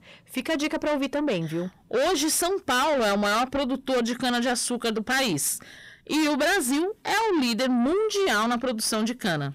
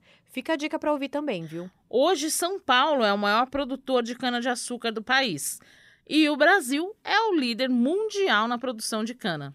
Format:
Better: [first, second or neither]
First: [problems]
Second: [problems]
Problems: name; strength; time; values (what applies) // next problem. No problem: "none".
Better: second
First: distortion; heavy; 6 dB below the speech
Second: none